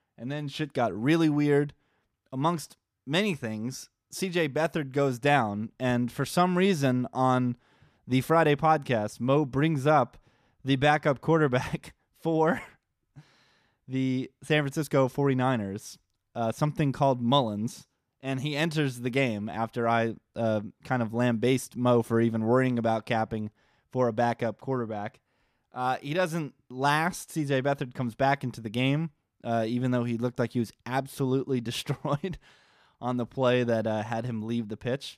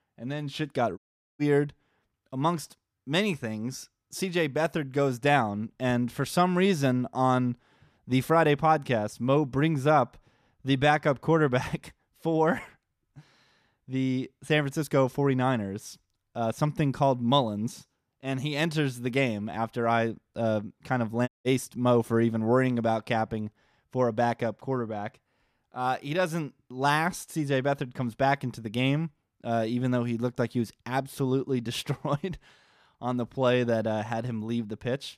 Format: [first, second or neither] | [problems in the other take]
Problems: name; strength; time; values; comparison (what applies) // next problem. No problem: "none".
first | audio cutting out; at 1 s and at 21 s